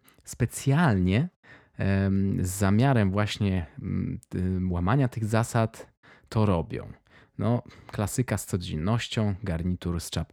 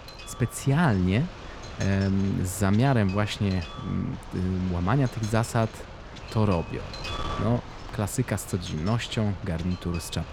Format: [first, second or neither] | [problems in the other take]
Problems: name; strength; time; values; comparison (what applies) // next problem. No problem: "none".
first | wind noise on the microphone; heavy; 9 dB below the speech